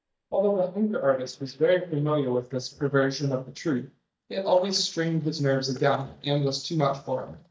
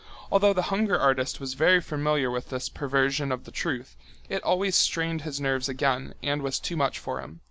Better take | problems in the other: second | noise reduction (neural mask model DeepFilterNet 3)

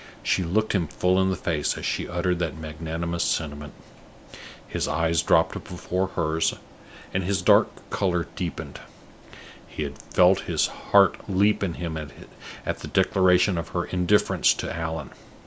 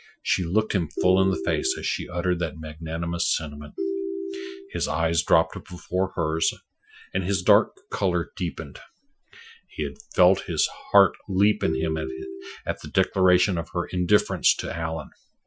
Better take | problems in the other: first | noise reduction (classical method Wiener filter)

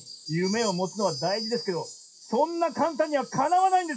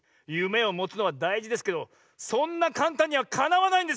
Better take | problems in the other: second | noise reduction (classical method WPE with log-MMSE)

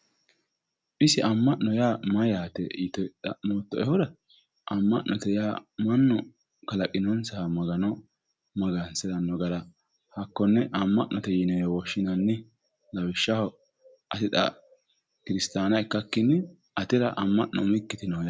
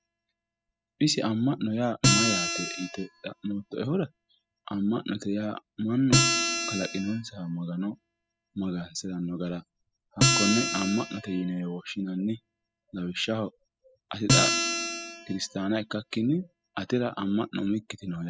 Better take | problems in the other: first | noise reduction (classical method spectral subtraction)

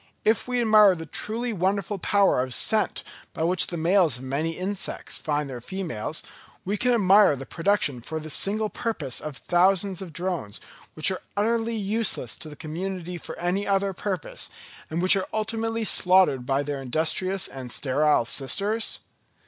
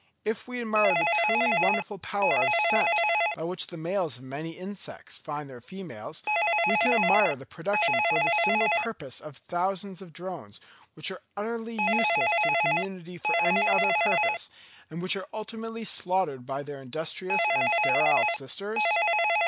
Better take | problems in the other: first | background sound (Telephone); 4 dB above the speech

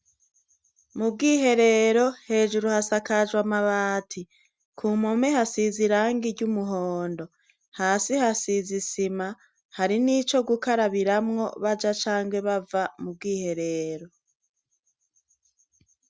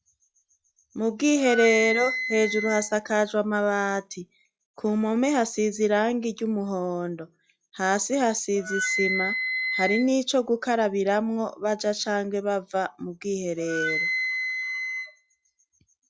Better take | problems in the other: first | noise reduction (classical method log-MMSE)

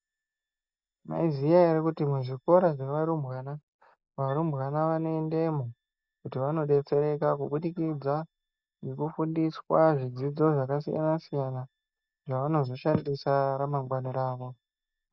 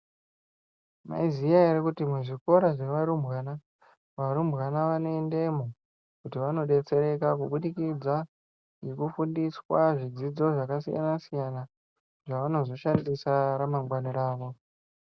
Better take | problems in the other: second | noise reduction (neural mask model DeepFilterNet 3)

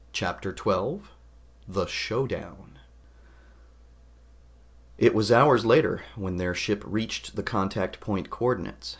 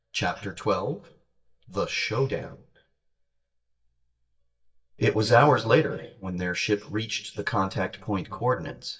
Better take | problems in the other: first | noise reduction (neural mask model DeepFilterNet 3)

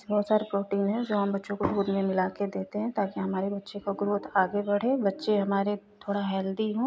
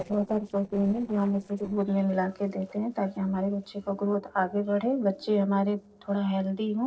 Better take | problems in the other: first | noise reduction (neural separator model SepFormer DNS4)

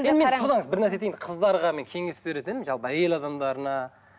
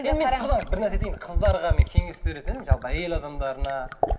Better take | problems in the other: first | background sound (Fill (with liquid)); 3 dB above the speech // room echo; dies away in 1.4 s

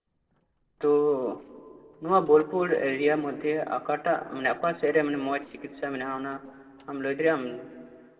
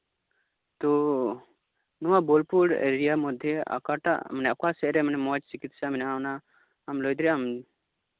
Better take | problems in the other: second | noise reduction (neural separator model SepFormer DNS4)

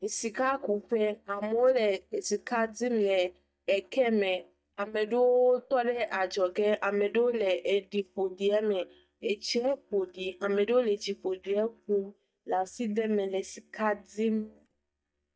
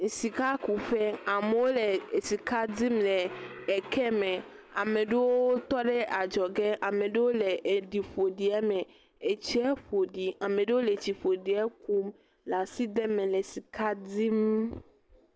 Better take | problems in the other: second | noise reduction (neural mask model DeepFilterNet 3)

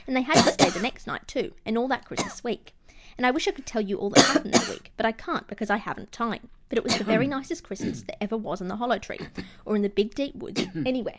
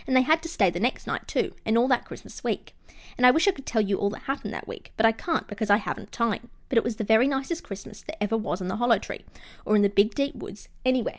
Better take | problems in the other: second | background sound (Cough); 1 dB below the speech

